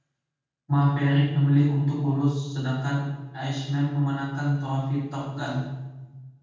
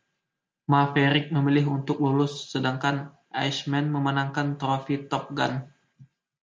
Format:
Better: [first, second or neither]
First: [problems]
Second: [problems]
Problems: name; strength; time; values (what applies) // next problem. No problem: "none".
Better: second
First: room echo; dies away in 1.2 s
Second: none